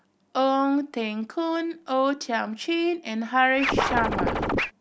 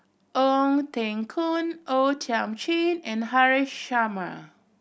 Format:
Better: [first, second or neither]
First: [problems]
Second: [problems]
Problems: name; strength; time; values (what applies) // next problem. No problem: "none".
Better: second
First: background sound (Scratching (performance technique)); 1 dB above the speech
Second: none